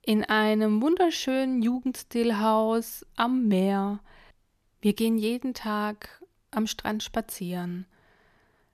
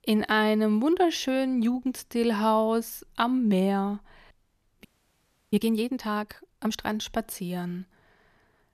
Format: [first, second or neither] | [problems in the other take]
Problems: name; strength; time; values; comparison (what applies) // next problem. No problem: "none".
first | audio freezing; at 5 s for 0.5 s